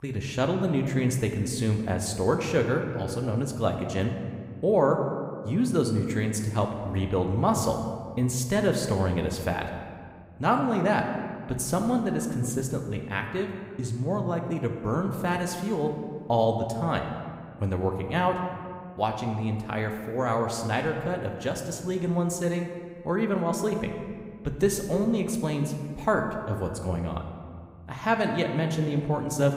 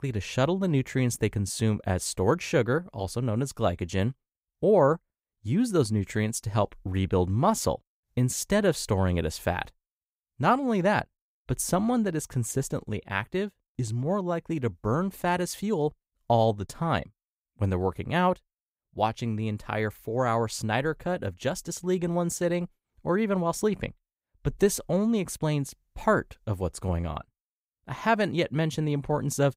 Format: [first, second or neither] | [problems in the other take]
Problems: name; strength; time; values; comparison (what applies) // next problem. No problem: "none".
second | room echo; slight; dies away in 1.5 s